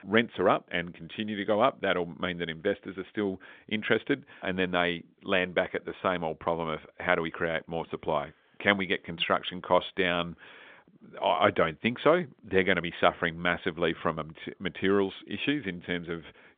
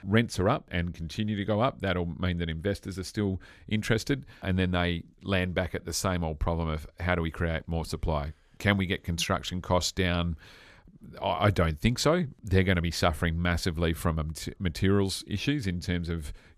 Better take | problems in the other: second | phone-call audio; nothing above 3.5 kHz

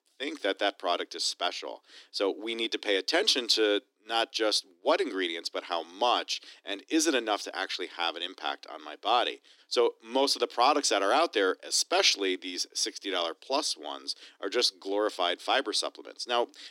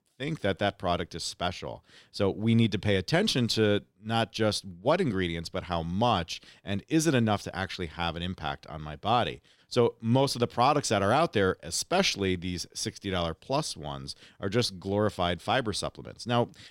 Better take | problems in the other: second | thin; somewhat; fading below 300 Hz

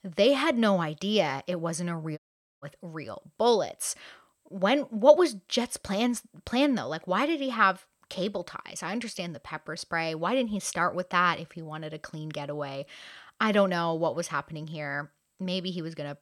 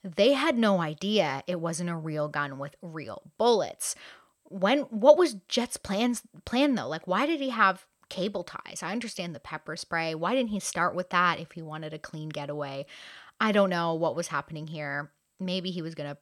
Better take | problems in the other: second | audio cutting out; at 2 s

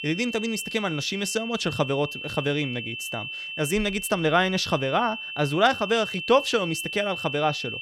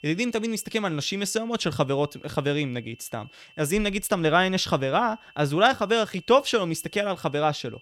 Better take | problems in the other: second | high-pitched whine; loud; throughout; 2.5 kHz, 7 dB below the speech; faint in the second

